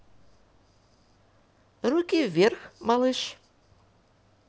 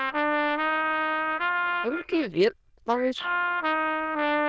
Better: first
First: none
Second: noise reduction (neural diffusion model UNIVERSE++)

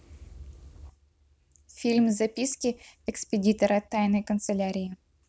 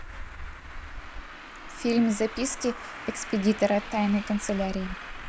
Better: first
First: none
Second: background sound (Traffic noise, roadway noise); 10 dB below the speech

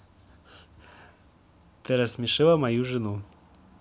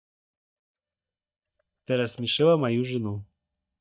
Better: first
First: none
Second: noise reduction (neural mask model DeepFilterNet 3)

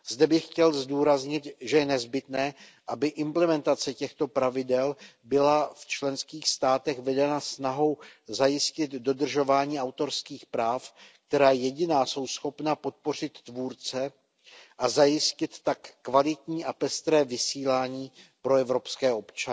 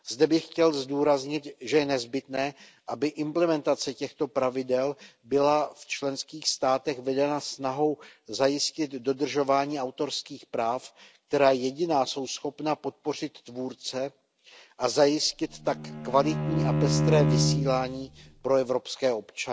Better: first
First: none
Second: background sound (Bowed string instrument); as loud as the speech

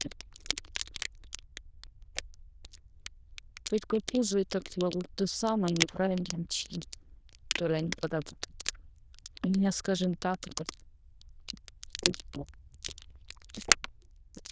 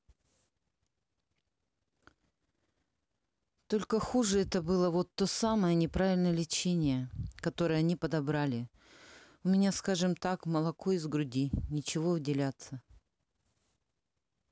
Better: second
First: noise reduction (neural diffusion model UNIVERSE++)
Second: none

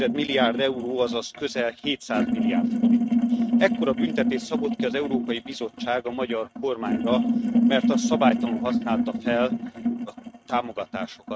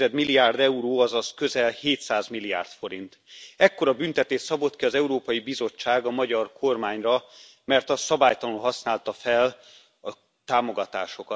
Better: second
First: noise reduction (neural mask model RNNoise)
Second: none

